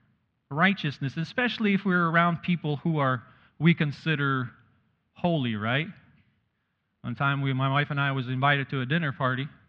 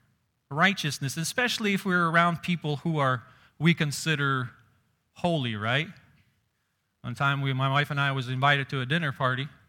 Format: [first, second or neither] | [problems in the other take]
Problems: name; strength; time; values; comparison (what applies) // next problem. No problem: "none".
second | muffled; slightly; fading above 3.5 kHz